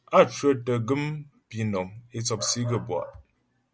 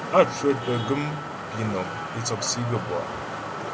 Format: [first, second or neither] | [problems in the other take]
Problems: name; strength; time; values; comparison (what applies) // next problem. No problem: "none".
first | background sound (Motor vehicle (road) + Traffic noise, roadway noise / Vehicle horn, car horn, honking); 6 dB below the speech